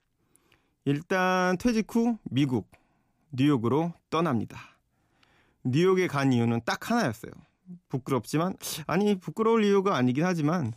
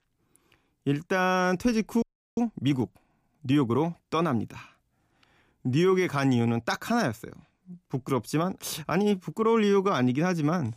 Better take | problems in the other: first | audio freezing; at 2 s

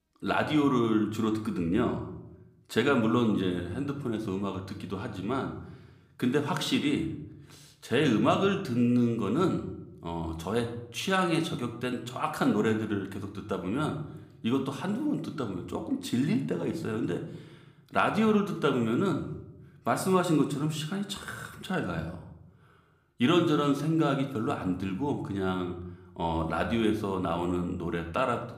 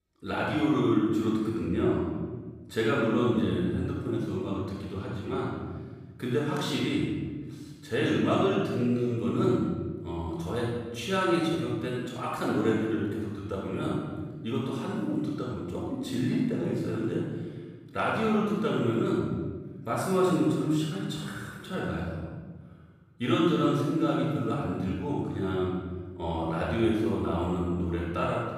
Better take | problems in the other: first | room echo; strong; dies away in 1.5 s; slight in the first // off-mic speech; far

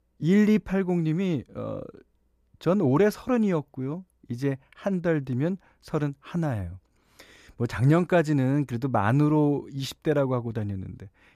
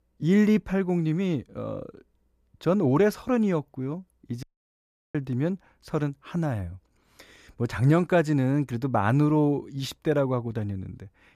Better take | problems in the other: first | audio cutting out; at 4.5 s for 0.5 s

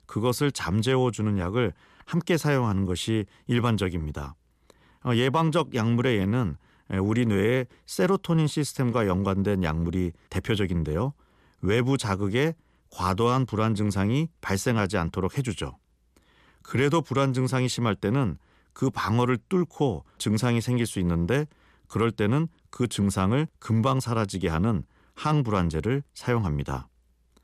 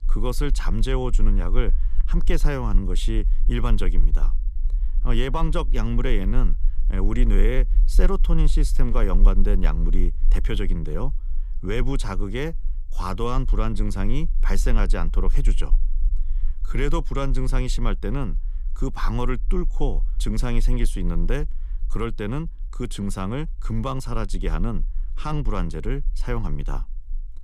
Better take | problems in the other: first | low rumble; faint; throughout; 20 dB below the speech

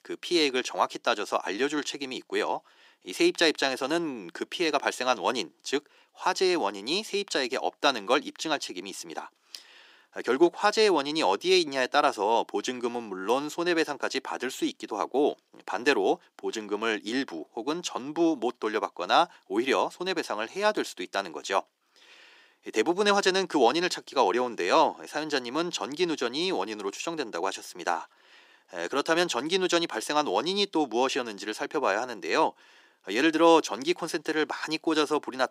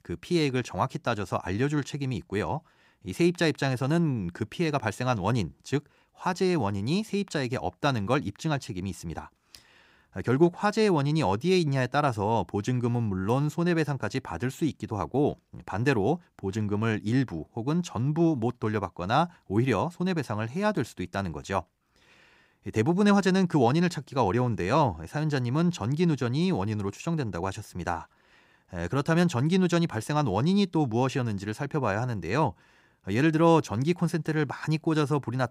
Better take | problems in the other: second | thin; somewhat; fading below 300 Hz

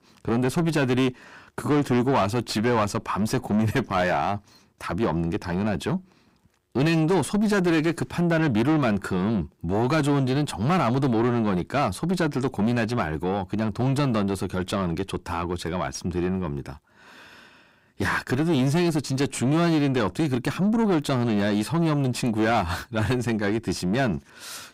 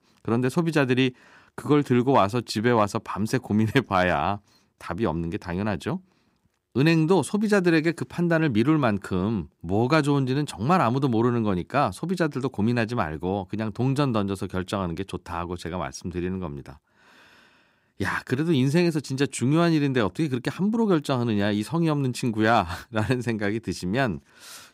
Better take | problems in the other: second | distortion; heavy; 6 dB below the speech

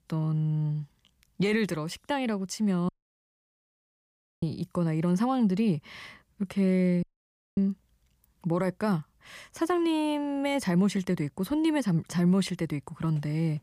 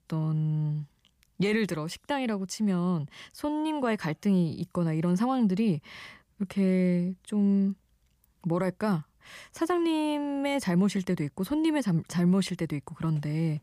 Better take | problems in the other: second | audio cutting out; at 3 s for 1.5 s and at 7 s for 0.5 s

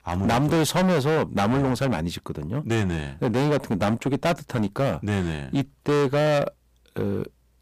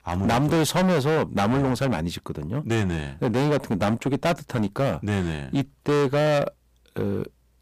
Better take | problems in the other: neither | distortion; heavy; 16% of the sound clipped; the same in both

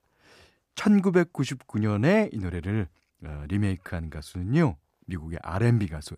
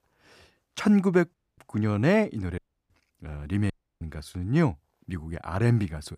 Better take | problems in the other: first | audio cutting out; at 1.5 s, at 2.5 s and at 3.5 s

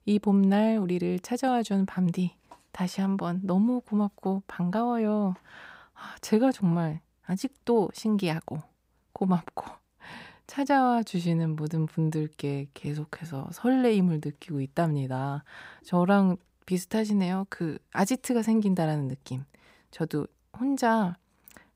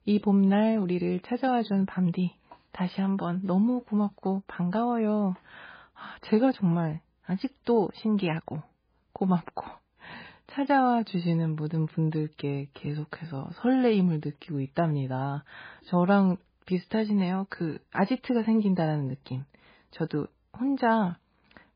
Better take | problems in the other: first | garbled, watery; badly; nothing above 4 kHz

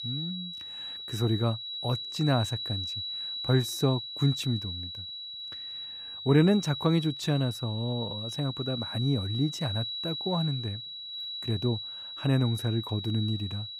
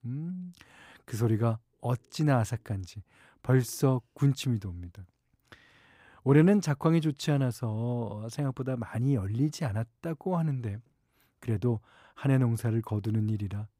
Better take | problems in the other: second | high-pitched whine; loud; throughout; 4 kHz, 6 dB below the speech

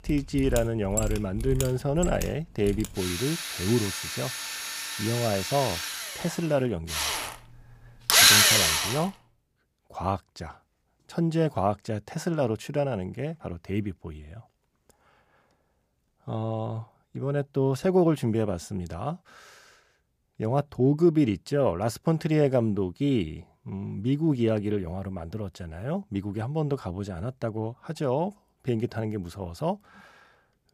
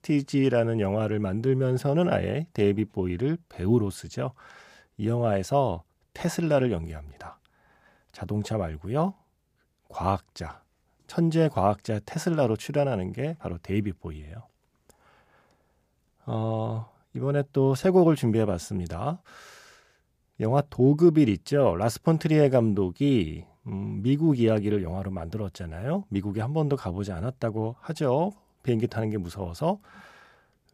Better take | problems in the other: second | machinery noise; very loud; until 9 s; 4 dB above the speech

